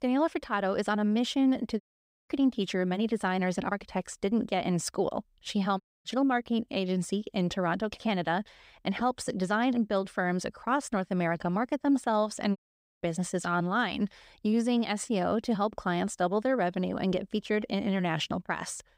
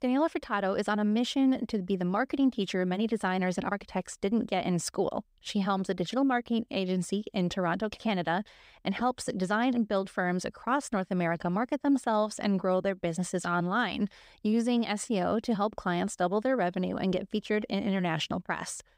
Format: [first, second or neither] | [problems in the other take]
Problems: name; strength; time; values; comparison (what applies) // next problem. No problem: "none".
second | audio cutting out; at 2 s, at 6 s and at 13 s